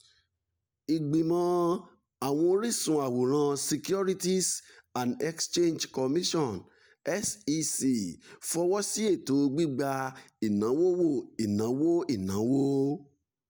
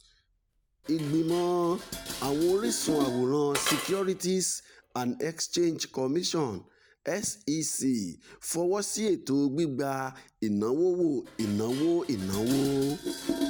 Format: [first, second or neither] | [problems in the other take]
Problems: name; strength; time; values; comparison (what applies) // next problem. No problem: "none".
first | background sound (Dishes, pots, and pans); 10 dB below the speech